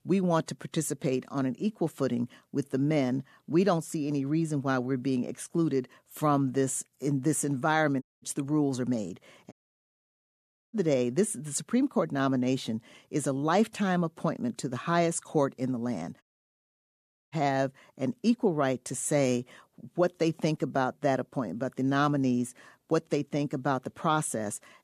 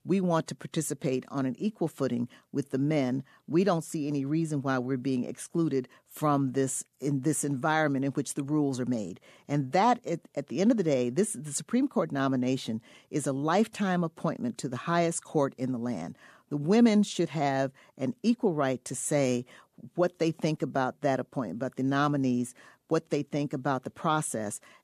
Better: second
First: audio cutting out; at 8 s, at 9.5 s for 1 s and at 16 s for 1 s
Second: none

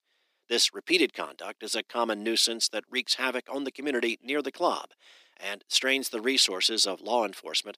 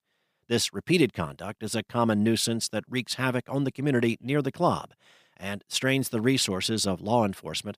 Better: second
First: thin; somewhat; fading below 300 Hz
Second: none

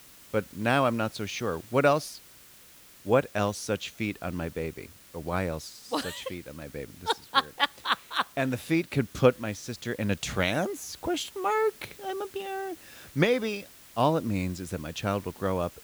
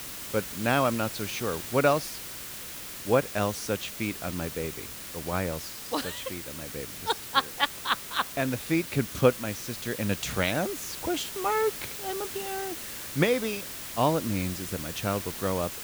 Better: first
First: hiss; faint; throughout; 20 dB below the speech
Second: hiss; loud; throughout; 7 dB below the speech

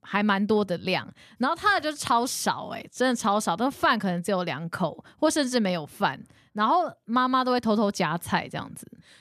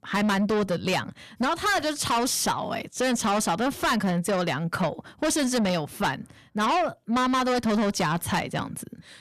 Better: first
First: none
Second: distortion; heavy; 7 dB below the speech

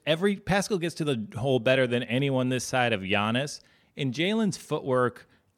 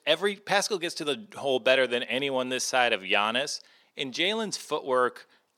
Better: first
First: none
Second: thin; somewhat; fading below 400 Hz

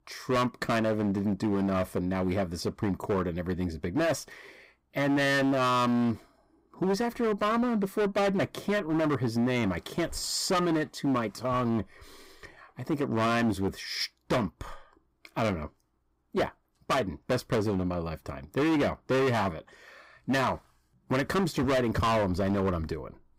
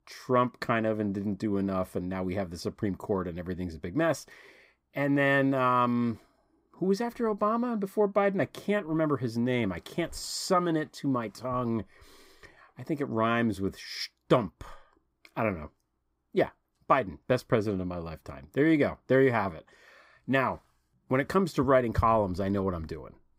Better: second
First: distortion; heavy; 14% of the sound clipped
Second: none

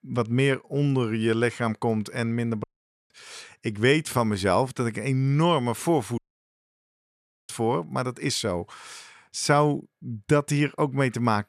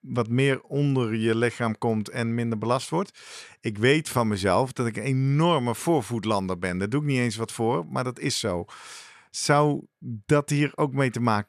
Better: second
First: audio cutting out; at 2.5 s and at 6 s for 1.5 s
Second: none

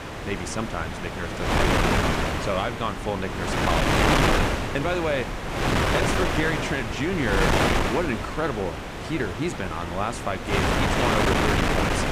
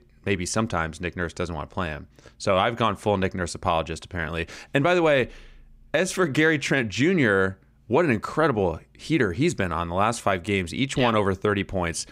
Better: second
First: wind noise on the microphone; heavy; 4 dB above the speech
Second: none

